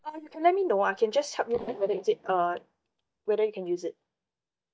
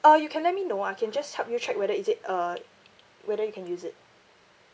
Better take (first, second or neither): second